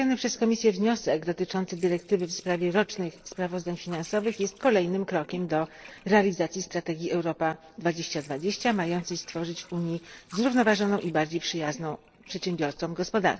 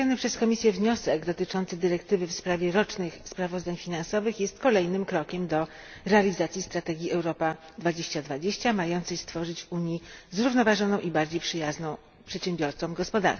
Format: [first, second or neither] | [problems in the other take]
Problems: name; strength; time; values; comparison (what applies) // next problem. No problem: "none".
second | noise reduction (neural separator model SepFormer DNS4)